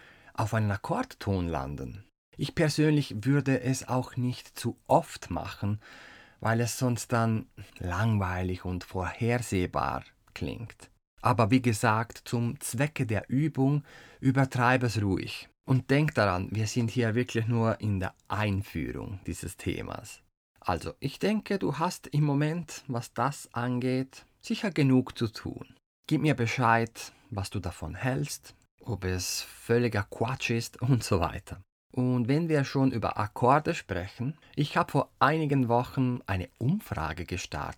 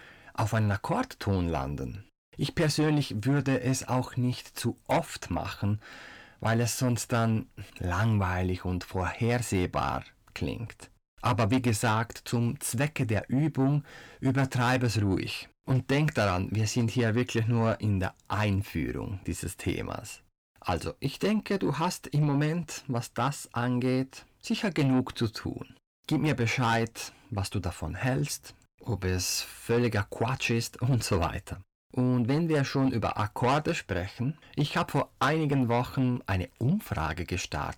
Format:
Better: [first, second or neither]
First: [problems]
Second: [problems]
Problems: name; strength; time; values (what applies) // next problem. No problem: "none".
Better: first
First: none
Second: distortion; slight; 10 dB below the speech